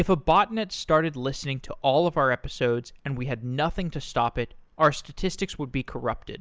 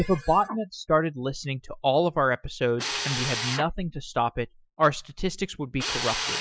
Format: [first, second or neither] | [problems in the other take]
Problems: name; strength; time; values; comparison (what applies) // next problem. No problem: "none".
first | noise reduction (classical method Wiener filter)